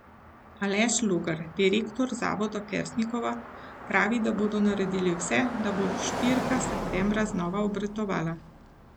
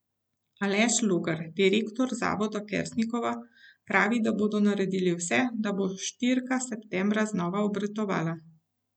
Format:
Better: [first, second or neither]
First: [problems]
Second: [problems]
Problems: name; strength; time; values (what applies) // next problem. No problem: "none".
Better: second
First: background sound (Car passing by); 9 dB below the speech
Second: none